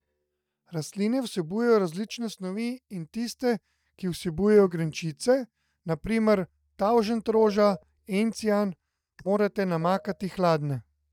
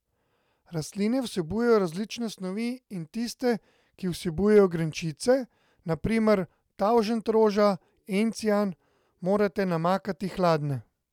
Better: second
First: noise reduction (neural mask model DeepFilterNet 3)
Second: none

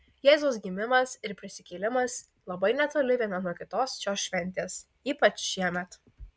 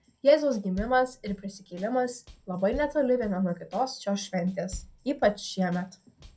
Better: first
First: none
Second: background sound (Bass drum / Snare drum / Drum kit); 20 dB below the speech // room echo; dies away in 0.2 s

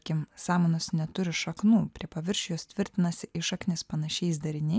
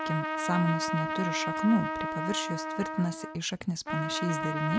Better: first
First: none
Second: background sound (Trumpet); 2 dB below the speech

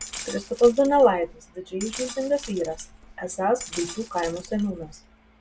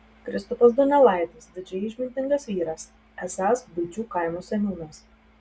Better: second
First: background sound (Glass); 15 dB below the speech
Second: none

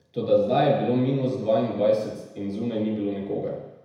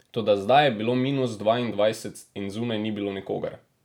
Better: second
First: room echo; dies away in 1 s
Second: none

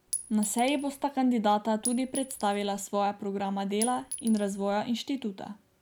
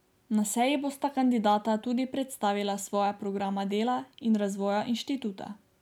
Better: second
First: background sound (Chink, clink); 10 dB below the speech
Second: none

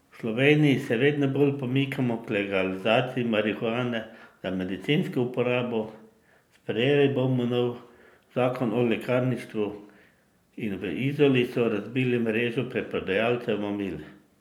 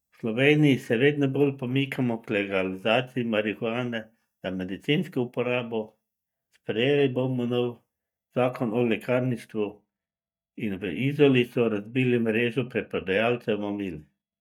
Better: first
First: none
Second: noise reduction (neural mask model DeepFilterNet 3)

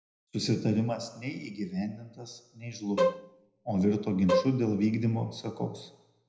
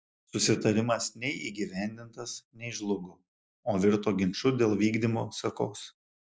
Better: second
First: background sound (Bowed string instrument); 1 dB below the speech // room echo; dies away in 0.7 s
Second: none

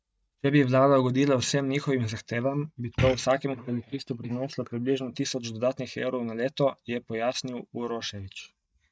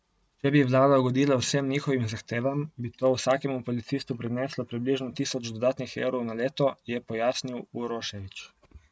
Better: second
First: noise reduction (neural mask model DeepFilterNet 3)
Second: none

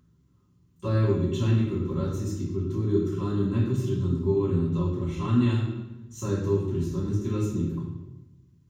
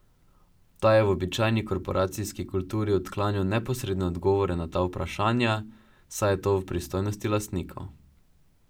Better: second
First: room echo; dies away in 1.1 s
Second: none

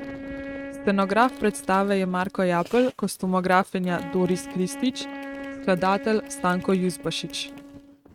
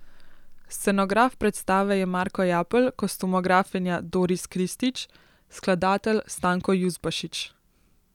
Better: second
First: noise reduction (neural mask model RNNoise)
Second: none

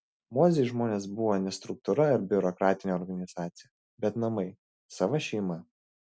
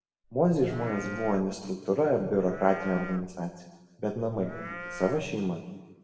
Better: first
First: none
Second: background sound (Livestock, farm animals, working animals); 13 dB below the speech // room echo; dies away in 1.2 s

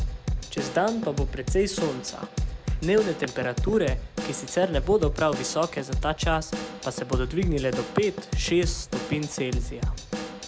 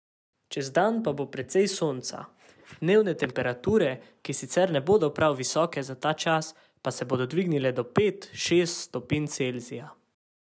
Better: second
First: background sound (Drum / Drum kit); 3 dB below the speech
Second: none

